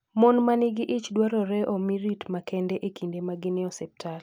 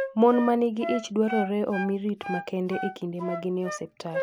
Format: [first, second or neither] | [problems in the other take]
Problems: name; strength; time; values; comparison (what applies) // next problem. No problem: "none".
first | background sound (Wind instrument, woodwind instrument); 9 dB below the speech